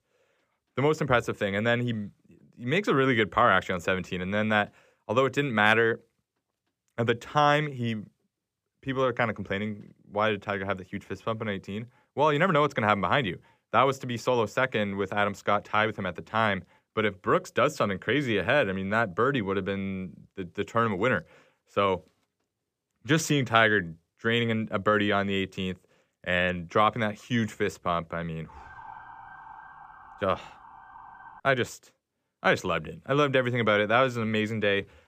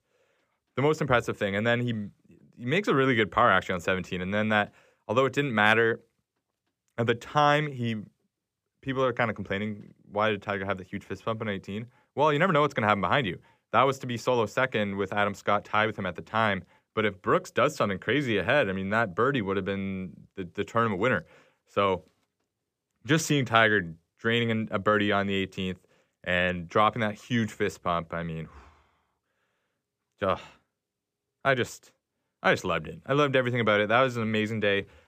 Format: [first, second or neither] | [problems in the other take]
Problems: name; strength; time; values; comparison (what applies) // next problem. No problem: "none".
second | siren; faint; from 28 to 31 s; peak 20 dB below the speech